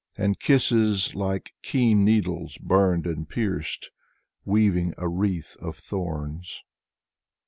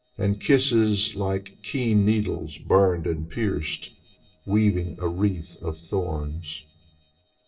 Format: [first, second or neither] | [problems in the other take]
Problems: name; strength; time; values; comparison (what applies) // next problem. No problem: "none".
first | noise reduction (neural separator model SepFormer DNS4)